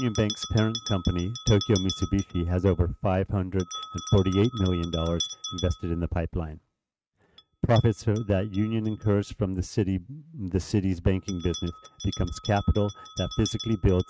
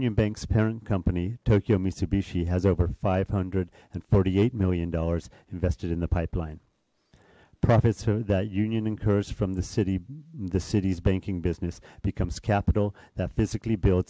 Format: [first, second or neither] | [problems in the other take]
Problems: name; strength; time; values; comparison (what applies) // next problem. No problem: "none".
second | noise reduction (neural mask model RNNoise)